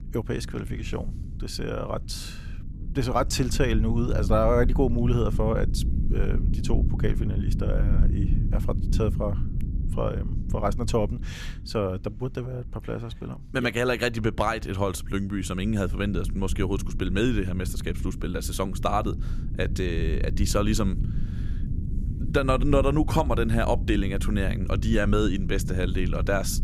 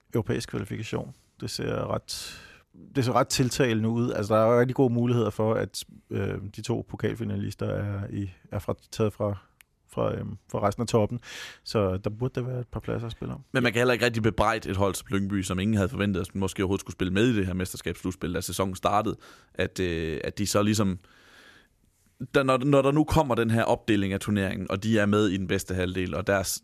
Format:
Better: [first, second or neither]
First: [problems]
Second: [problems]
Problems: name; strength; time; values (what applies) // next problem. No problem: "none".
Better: second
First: low rumble; noticeable; throughout; 15 dB below the speech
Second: none